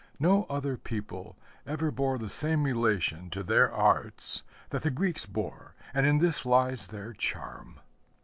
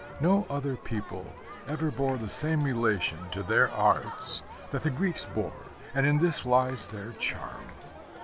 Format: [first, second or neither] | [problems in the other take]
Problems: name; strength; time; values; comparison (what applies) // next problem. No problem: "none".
first | background sound (Crowd); 15 dB below the speech